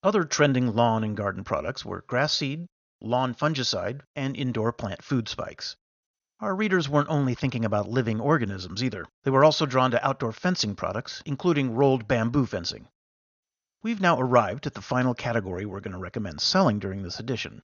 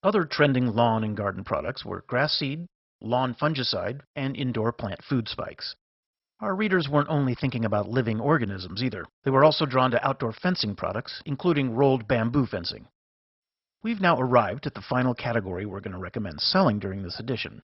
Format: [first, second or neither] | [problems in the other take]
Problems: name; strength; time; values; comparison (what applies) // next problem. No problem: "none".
first | garbled, watery; badly; nothing above 5.5 kHz; slightly in the first